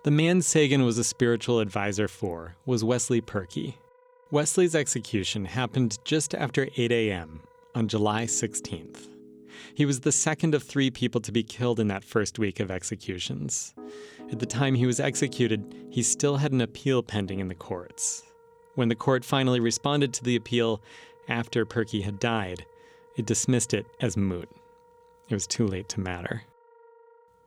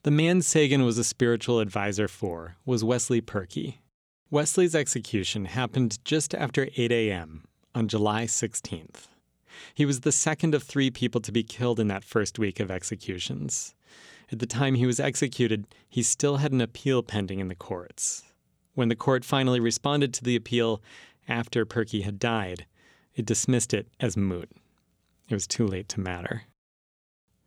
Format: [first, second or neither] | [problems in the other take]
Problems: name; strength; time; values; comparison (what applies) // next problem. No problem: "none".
second | background music; faint; throughout; 25 dB below the speech